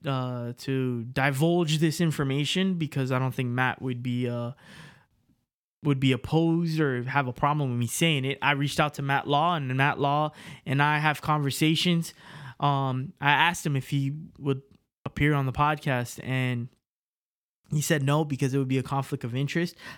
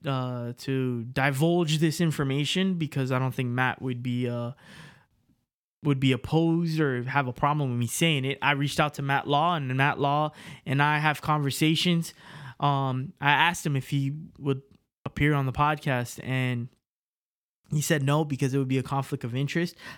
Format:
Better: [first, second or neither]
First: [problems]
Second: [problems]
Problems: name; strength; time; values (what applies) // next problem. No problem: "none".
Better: neither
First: none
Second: none